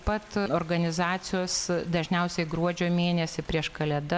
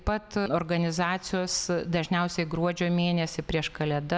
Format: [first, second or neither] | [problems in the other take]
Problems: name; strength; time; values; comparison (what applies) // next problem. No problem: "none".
second | background sound (Toilet flush); 19 dB below the speech